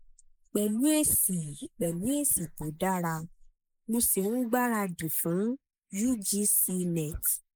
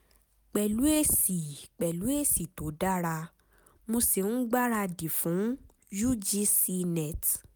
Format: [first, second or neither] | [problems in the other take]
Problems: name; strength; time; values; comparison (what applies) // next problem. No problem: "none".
second | noise reduction (neural mask model Resemble Enhance denoiser)